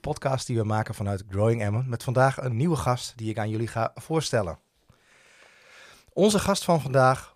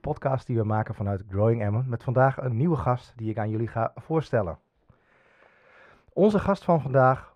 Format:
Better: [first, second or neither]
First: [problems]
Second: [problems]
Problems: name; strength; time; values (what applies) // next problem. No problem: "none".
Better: first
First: none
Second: muffled; very; fading above 3.5 kHz